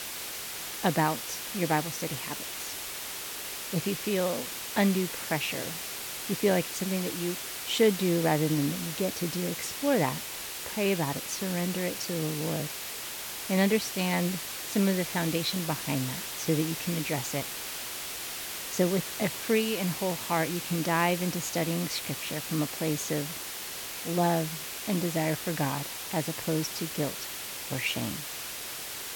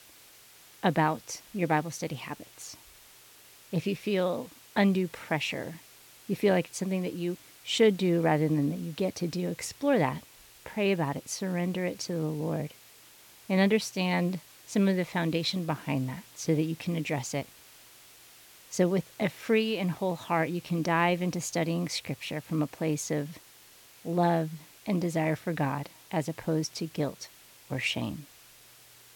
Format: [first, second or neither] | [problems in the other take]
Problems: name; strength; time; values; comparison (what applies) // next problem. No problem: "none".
second | hiss; loud; throughout; 4 dB below the speech; faint in the second